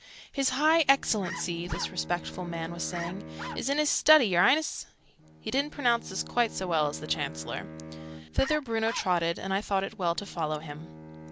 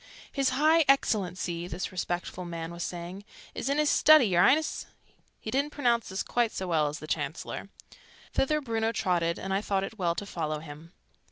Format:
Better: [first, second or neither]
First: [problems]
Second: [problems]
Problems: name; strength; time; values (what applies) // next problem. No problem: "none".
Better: second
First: background sound (Bark + Bowed string instrument); 14 dB below the speech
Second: none